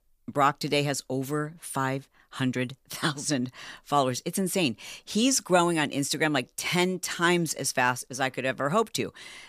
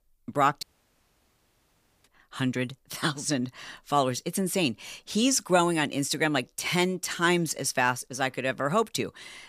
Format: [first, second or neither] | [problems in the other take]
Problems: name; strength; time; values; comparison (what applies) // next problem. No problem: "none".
first | audio cutting out; at 0.5 s for 1.5 s